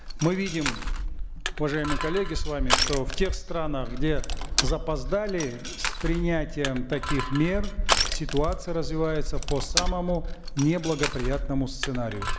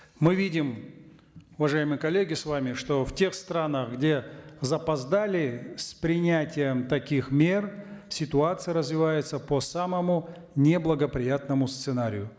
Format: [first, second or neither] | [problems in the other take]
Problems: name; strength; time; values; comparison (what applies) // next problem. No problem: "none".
second | background sound (Crushing); 1 dB above the speech